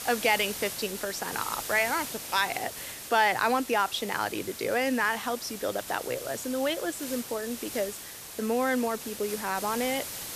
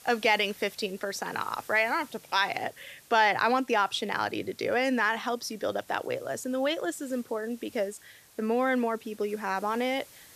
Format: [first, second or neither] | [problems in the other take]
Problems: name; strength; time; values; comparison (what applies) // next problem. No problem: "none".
second | hiss; loud; throughout; 8 dB below the speech; faint in the second